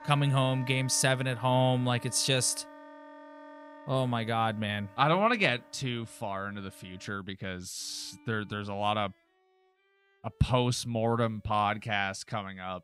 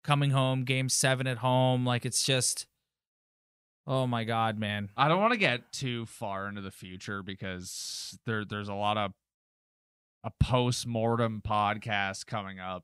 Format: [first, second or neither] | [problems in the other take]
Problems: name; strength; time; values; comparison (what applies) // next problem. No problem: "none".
second | background music; faint; throughout; 20 dB below the speech